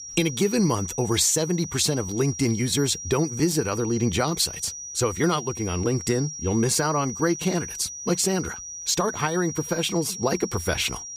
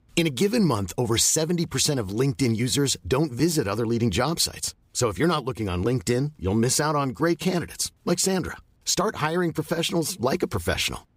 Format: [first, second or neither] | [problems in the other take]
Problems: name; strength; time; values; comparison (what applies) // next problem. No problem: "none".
second | high-pitched whine; loud; throughout; 6 kHz, 9 dB below the speech